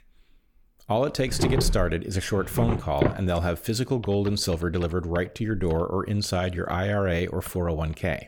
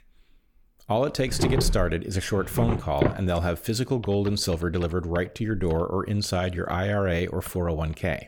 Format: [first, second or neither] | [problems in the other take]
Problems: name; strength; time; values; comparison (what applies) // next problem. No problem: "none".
neither | household noises; very faint; throughout; 3 dB below the speech; the same in both